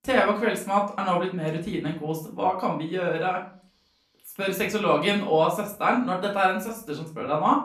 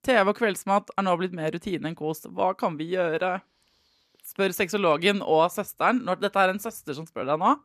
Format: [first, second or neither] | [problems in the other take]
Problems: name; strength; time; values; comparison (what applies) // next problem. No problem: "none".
second | off-mic speech; far // room echo; slight; dies away in 0.3 s